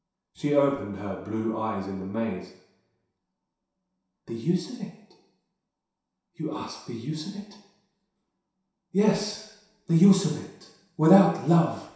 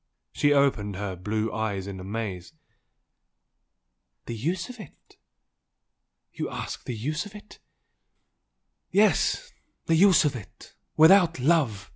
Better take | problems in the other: second | room echo; dies away in 0.7 s

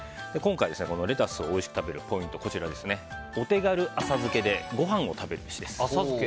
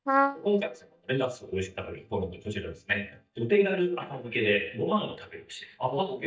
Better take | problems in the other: first | noise reduction (neural mask model DeepFilterNet 3)

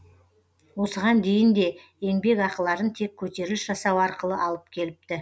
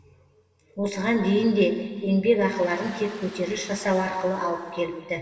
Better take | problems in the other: first | background sound (Ocean); 20 dB below the speech // room echo; dies away in 2.3 s

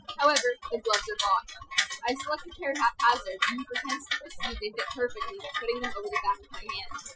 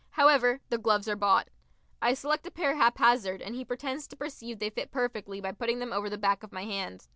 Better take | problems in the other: second | noise reduction (classical method Wiener filter)

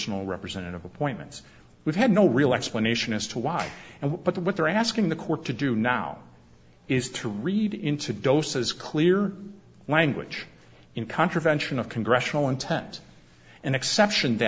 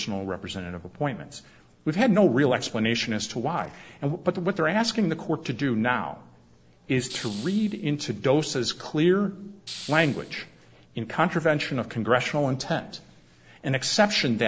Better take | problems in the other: first | noise reduction (neural separator model SepFormer DNS4)

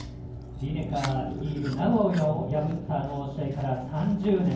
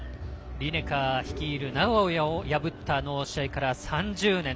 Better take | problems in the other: second | background sound (Chewing, mastication); 19 dB below the speech // room echo; dies away in 0.9 s

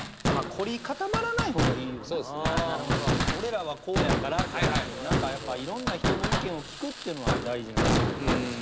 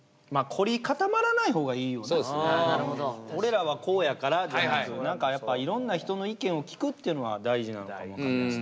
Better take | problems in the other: second | background sound (Fireworks); 4 dB above the speech

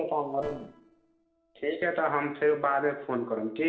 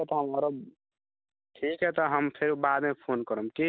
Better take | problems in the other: second | noise reduction (neural separator model SepFormer DNS4)

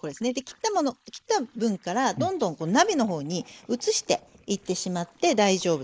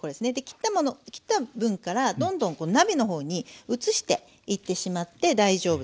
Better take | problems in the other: second | noise reduction (neural mask model Resemble Enhance denoiser)

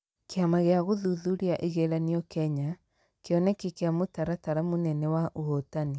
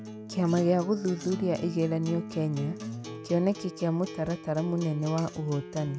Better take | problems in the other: first | background sound (Acoustic guitar); 12 dB below the speech

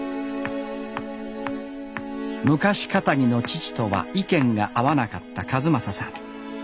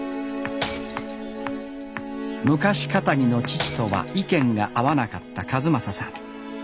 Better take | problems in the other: first | background sound (Shatter / Crushing + Bowed string instrument); 11 dB below the speech

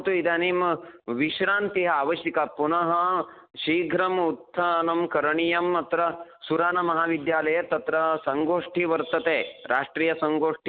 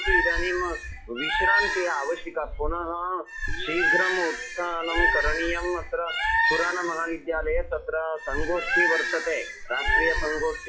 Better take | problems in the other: first | noise reduction (classical method WPE with log-MMSE)

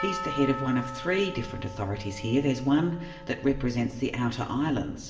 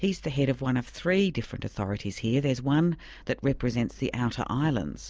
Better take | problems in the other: second | background sound (Percussion); 12 dB below the speech // room echo; dies away in 0.8 s

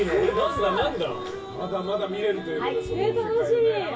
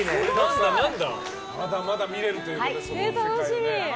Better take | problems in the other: second | room echo; dies away in 0.1 s

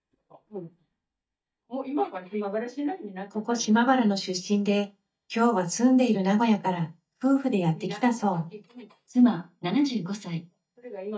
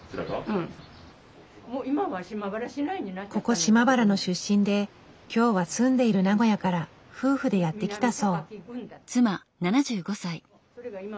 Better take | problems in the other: second | noise reduction (neural mask model DeepFilterNet 3)

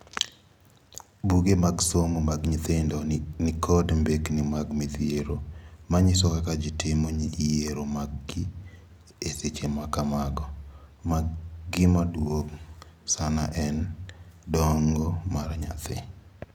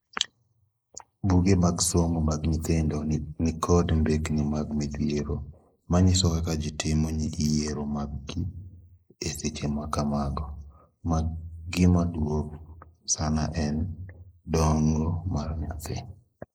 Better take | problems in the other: first | noise reduction (neural mask model Resemble Enhance denoiser)

